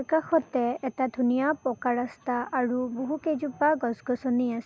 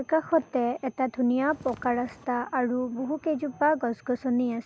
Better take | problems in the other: first | background sound (Walk, footsteps); 20 dB below the speech

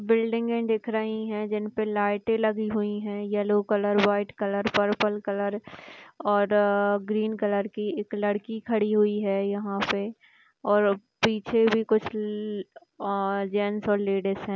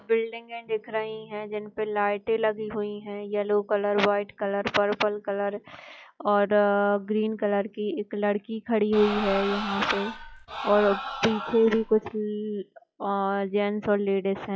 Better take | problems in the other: first | noise reduction (classical method log-MMSE)

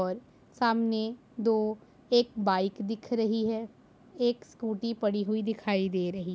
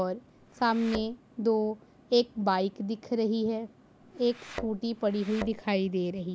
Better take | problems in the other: first | background sound (Thump, thud); 13 dB below the speech

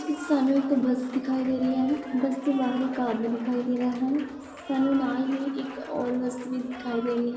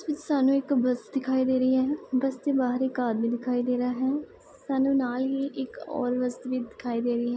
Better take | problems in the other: second | background sound (Applause); 16 dB below the speech // room echo; dies away in 1.1 s

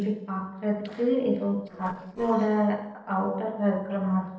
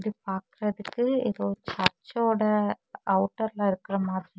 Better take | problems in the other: second | noise reduction (neural separator model SepFormer DNS4)

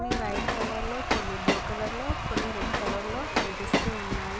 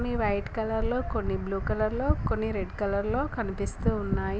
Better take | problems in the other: second | background sound (Applause / Crowd / Cheering + Train); 3 dB above the speech

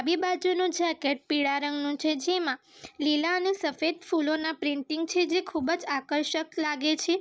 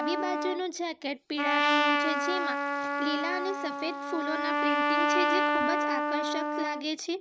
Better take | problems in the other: first | background sound (Trumpet); 5 dB above the speech

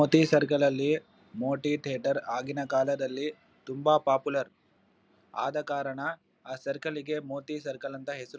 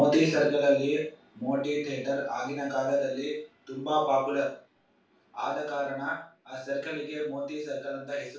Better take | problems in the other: first | room echo; dies away in 0.3 s

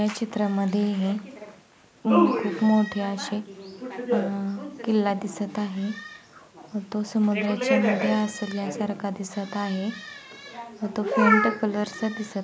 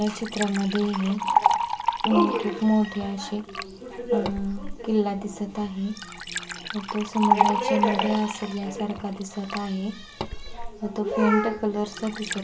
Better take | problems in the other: first | background sound (Liquid); 4 dB below the speech // room echo; dies away in 0.2 s

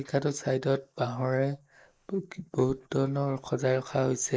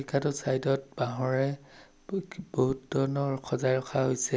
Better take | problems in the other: second | noise reduction (neural mask model Resemble Enhance denoiser)

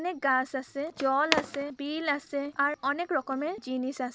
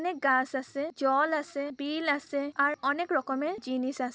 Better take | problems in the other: second | background sound (Skateboard); 9 dB below the speech

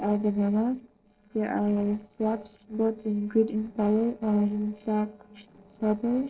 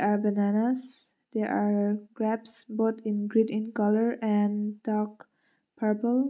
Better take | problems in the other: second | noise reduction (neural separator model SepFormer DNS4)

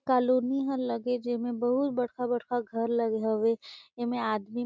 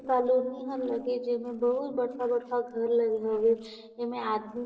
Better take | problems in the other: first | noise reduction (neural separator model SepFormer DNS4)

